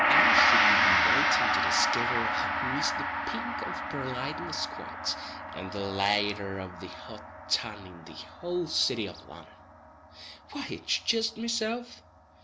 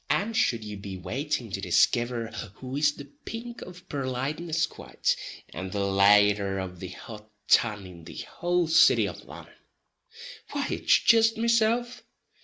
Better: second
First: background sound (Gong); 4 dB above the speech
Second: none

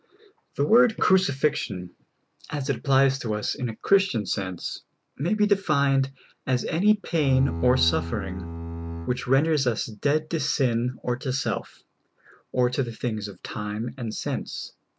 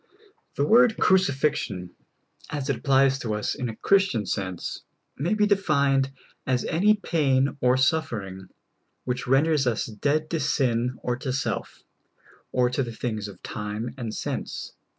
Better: second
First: background sound (Bowed string instrument); 7 dB below the speech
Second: none

